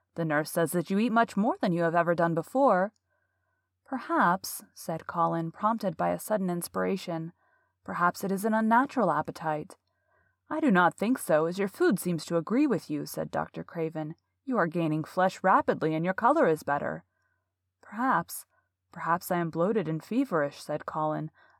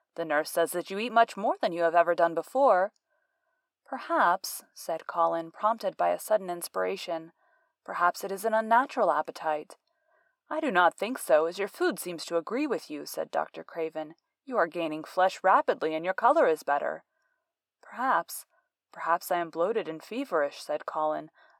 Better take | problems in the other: first | thin; somewhat; fading below 450 Hz

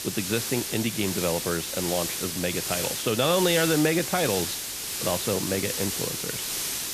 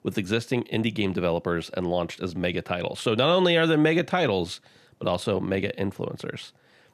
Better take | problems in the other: second | hiss; loud; throughout; 1 dB below the speech

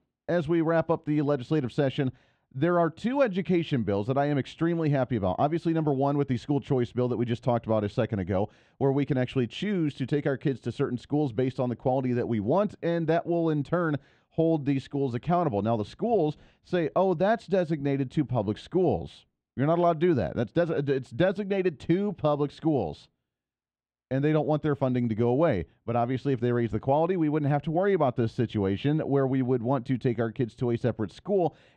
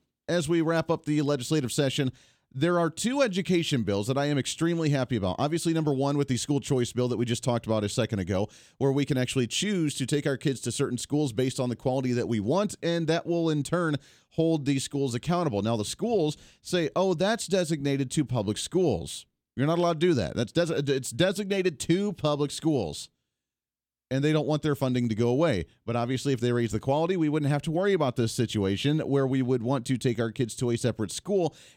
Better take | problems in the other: second | muffled; very; fading above 2 kHz

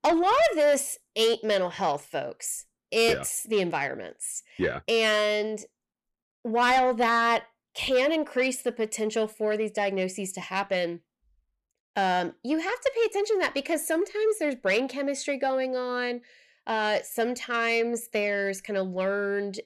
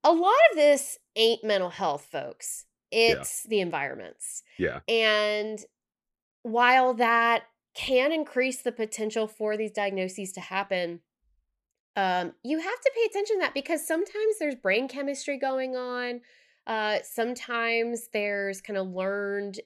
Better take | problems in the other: second | distortion; slight; 10 dB below the speech

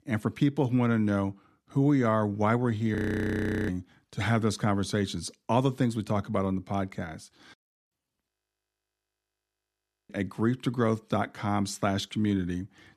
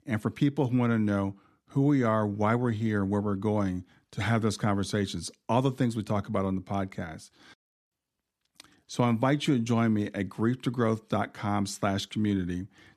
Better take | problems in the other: second | audio freezing; at 3 s for 0.5 s and at 8.5 s for 2 s

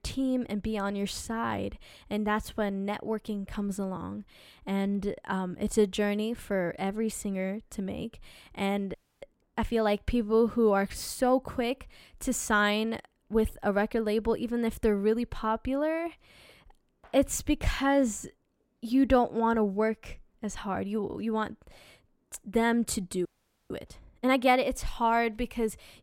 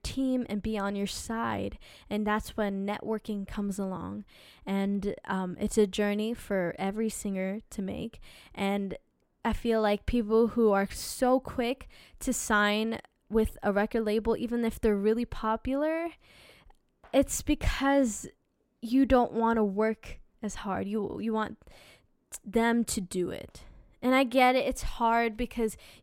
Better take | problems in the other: second | audio freezing; at 9 s and at 23 s

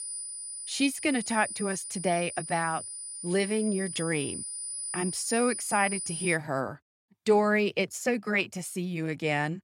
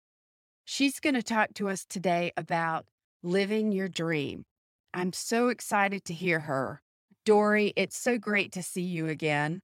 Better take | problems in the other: second | high-pitched whine; loud; until 6.5 s; 9.5 kHz, 6 dB below the speech

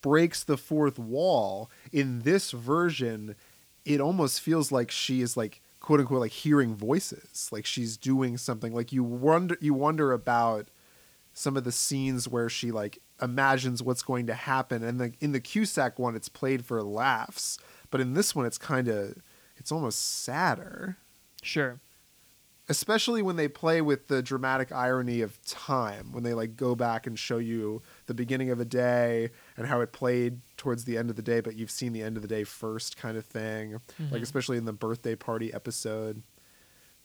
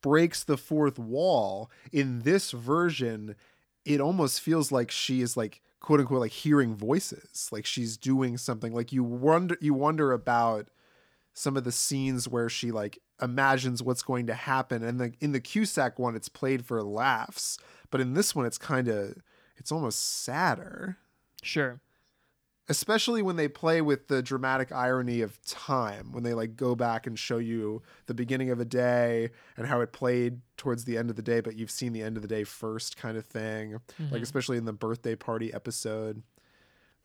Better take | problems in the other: second | hiss; faint; throughout; 30 dB below the speech

